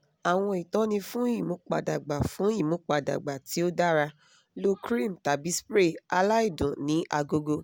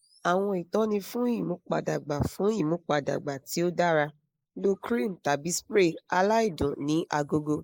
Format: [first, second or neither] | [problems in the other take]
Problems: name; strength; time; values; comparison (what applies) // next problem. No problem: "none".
first | noise reduction (neural mask model Resemble Enhance denoiser)